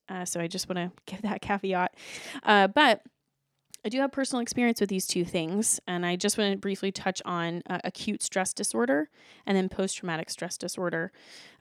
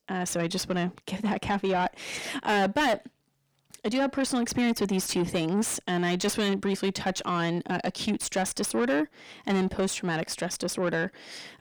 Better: first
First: none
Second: distortion; heavy; 6 dB below the speech

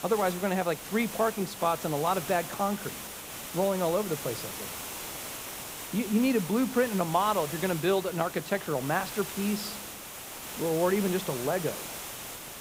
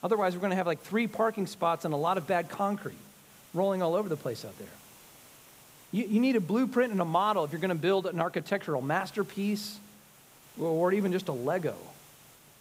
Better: second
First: hiss; loud; throughout; 8 dB below the speech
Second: hiss; faint; throughout; 25 dB below the speech

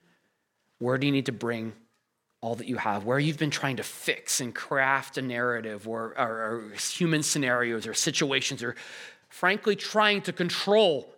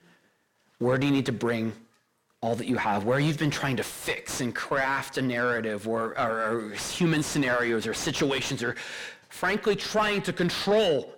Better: first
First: none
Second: distortion; heavy; 6 dB below the speech

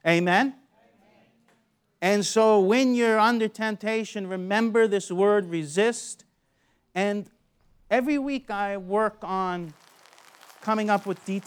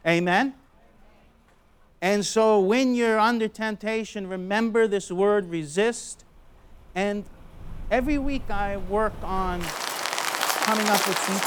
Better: first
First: rain or running water; faint; throughout; 30 dB below the speech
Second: rain or running water; loud; throughout; 4 dB below the speech

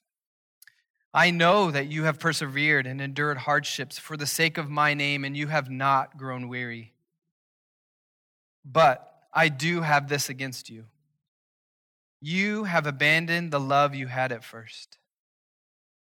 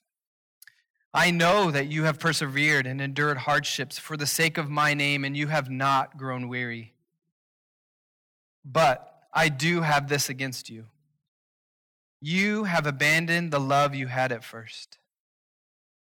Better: first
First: none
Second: distortion; slight; 4% of the sound clipped

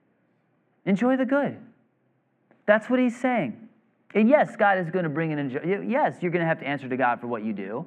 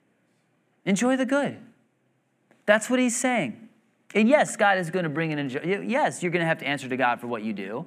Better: second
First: muffled; very; fading above 4 kHz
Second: none

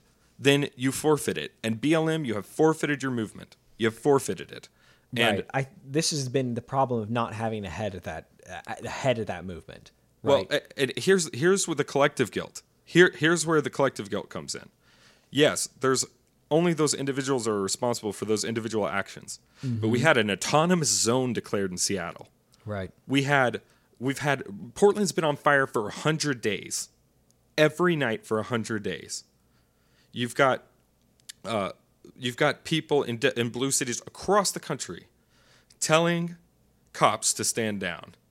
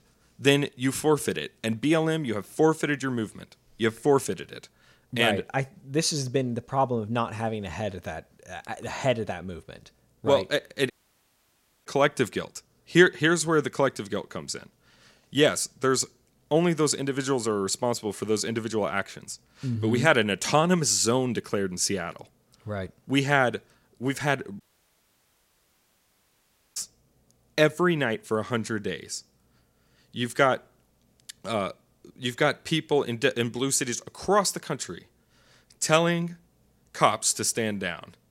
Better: first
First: none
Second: audio cutting out; at 11 s for 1 s and at 25 s for 2 s

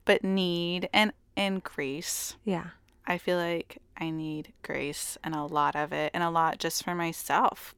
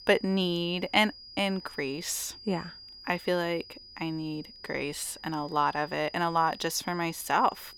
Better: first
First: none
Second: high-pitched whine; noticeable; throughout; 5 kHz, 15 dB below the speech

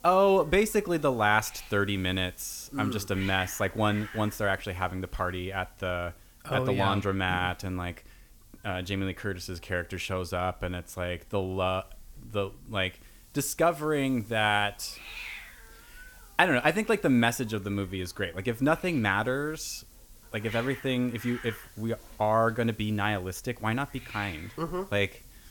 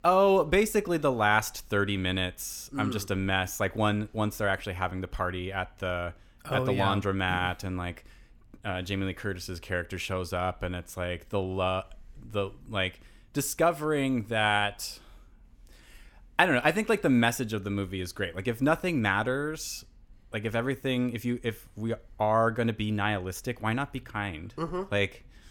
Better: second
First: hiss; noticeable; throughout; 20 dB below the speech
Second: none

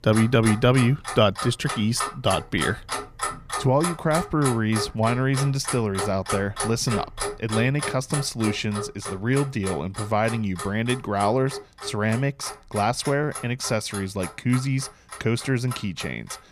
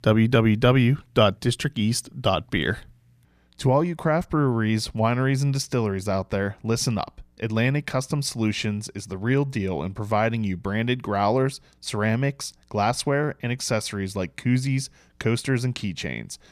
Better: second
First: household noises; loud; throughout; 8 dB below the speech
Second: none

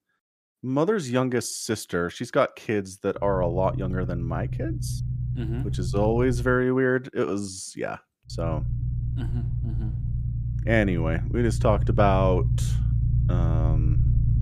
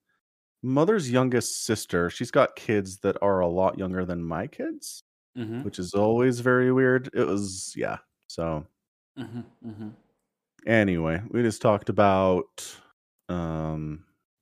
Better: second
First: low rumble; noticeable; from 3 to 6.5 s and from 8.5 s on; 15 dB below the speech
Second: none

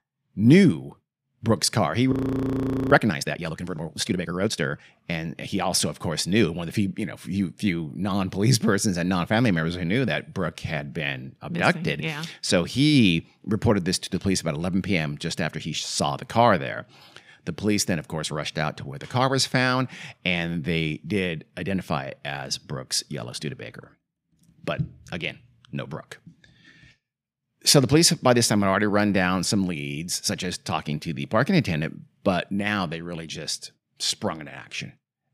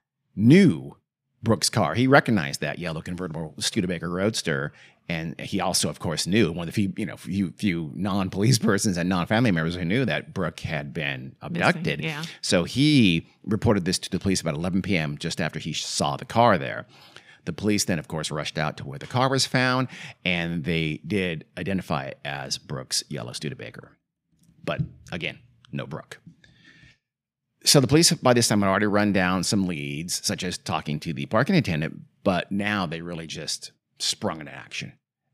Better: second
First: audio freezing; at 2 s for 1 s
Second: none

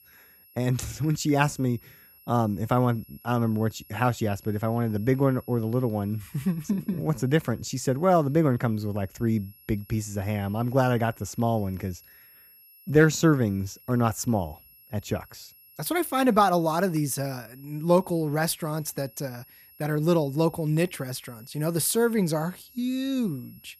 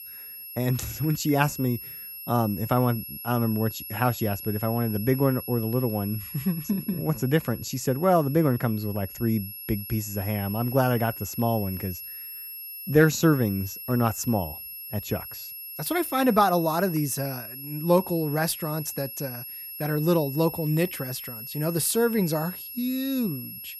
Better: first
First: high-pitched whine; faint; throughout; 11.5 kHz, 25 dB below the speech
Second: high-pitched whine; loud; throughout; 11.5 kHz, 10 dB below the speech

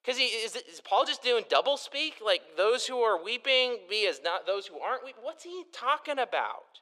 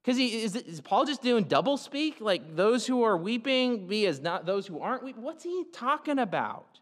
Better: second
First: thin; very; fading below 450 Hz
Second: none

